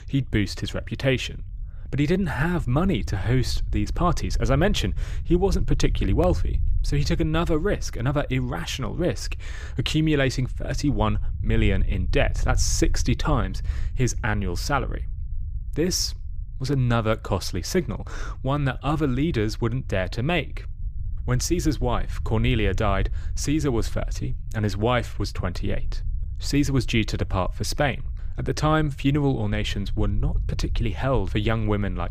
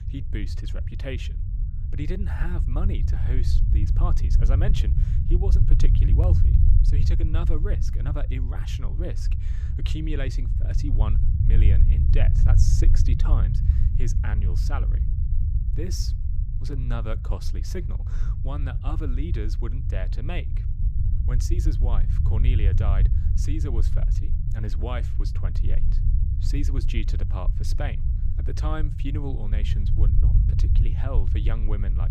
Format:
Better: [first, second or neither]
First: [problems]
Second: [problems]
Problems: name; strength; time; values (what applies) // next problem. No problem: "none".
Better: first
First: low rumble; faint; throughout; 25 dB below the speech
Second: low rumble; loud; throughout; 3 dB below the speech